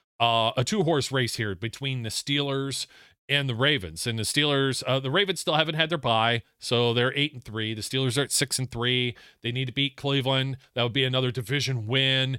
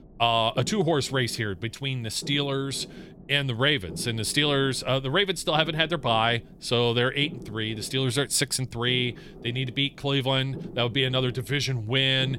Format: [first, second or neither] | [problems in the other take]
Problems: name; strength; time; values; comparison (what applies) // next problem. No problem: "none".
first | low rumble; faint; throughout; 25 dB below the speech